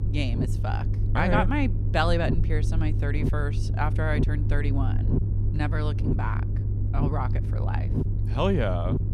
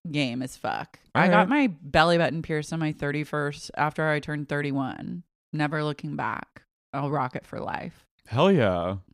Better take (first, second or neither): second